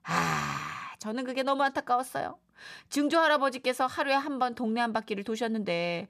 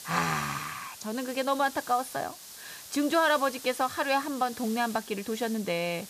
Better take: first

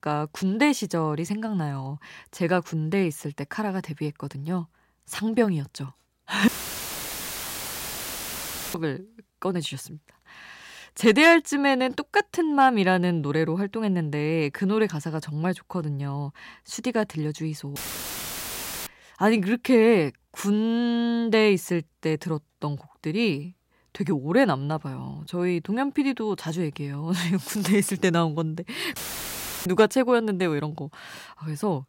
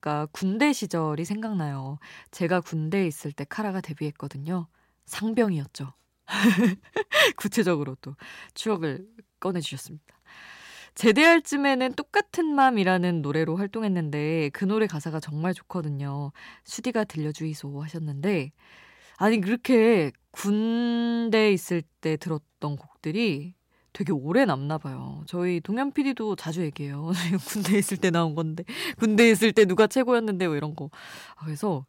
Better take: second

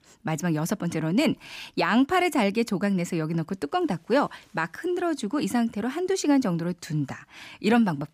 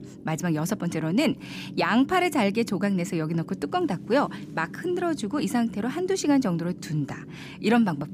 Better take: first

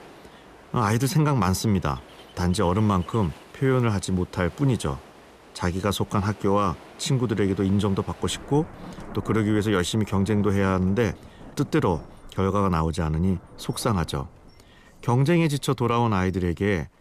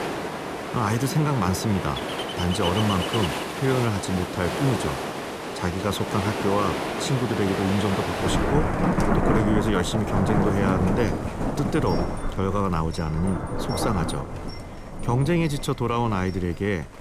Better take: first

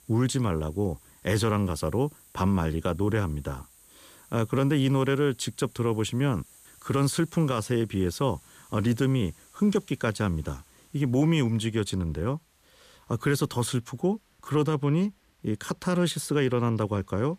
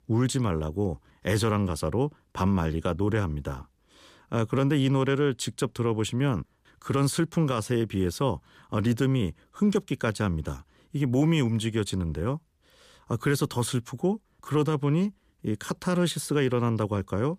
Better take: second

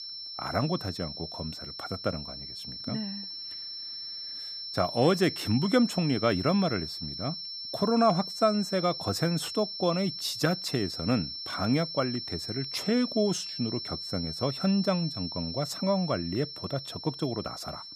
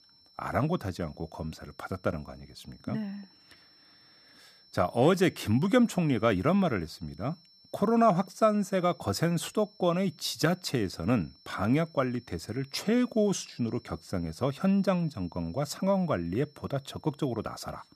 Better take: second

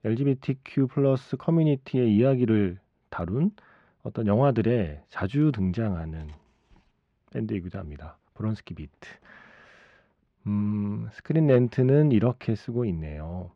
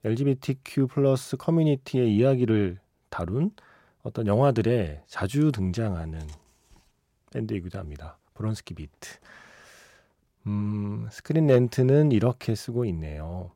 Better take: second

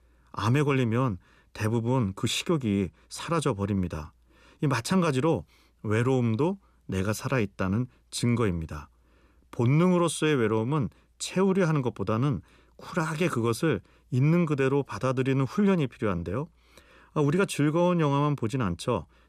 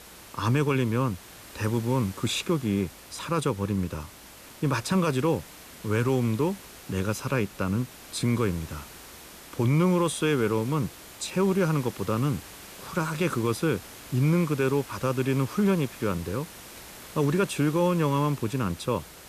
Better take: first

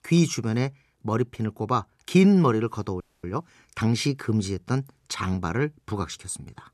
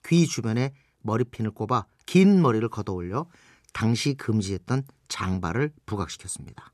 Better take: second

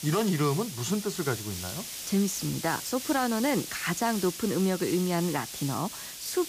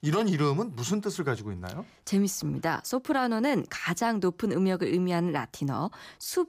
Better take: second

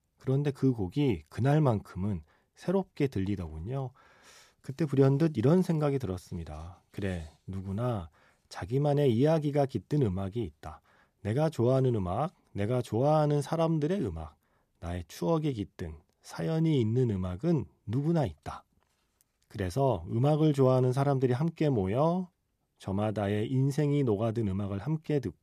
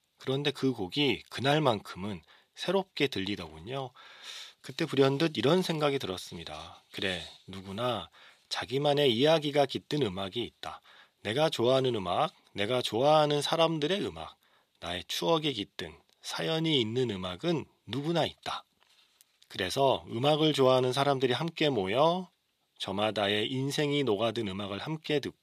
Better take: first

